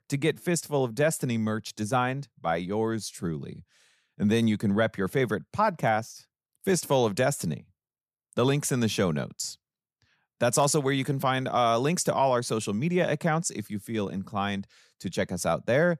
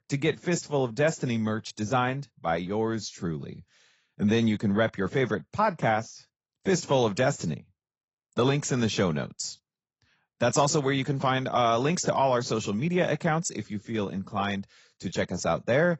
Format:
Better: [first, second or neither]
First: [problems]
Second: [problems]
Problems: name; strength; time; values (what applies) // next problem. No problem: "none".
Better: first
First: none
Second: garbled, watery; badly; nothing above 8 kHz